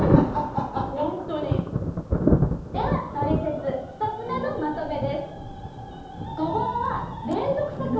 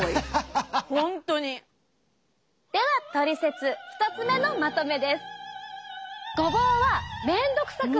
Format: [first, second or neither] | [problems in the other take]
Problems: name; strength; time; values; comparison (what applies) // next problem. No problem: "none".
second | background sound (Thunder); 2 dB above the speech // room echo; dies away in 0.8 s